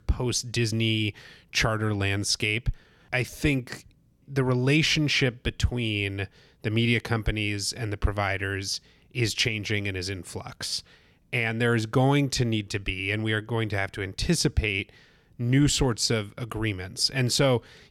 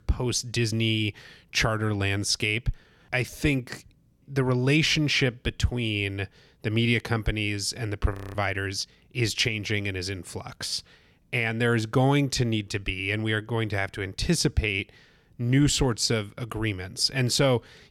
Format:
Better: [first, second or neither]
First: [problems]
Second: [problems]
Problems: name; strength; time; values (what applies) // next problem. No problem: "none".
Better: first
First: none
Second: audio freezing; at 8 s